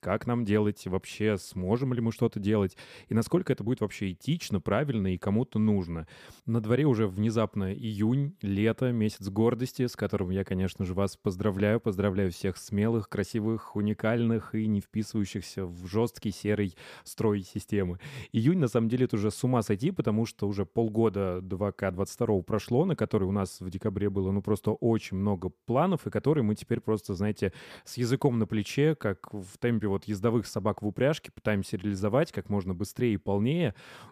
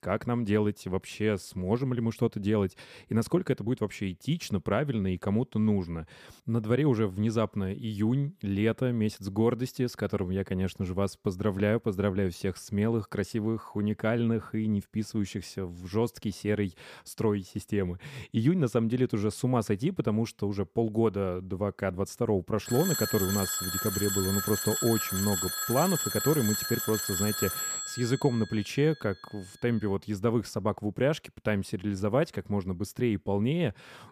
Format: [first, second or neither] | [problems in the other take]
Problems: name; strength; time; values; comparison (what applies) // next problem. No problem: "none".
first | phone ringing; noticeable; from 23 to 29 s; peak level with the speech